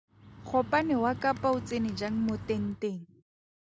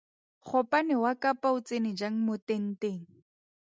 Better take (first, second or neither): second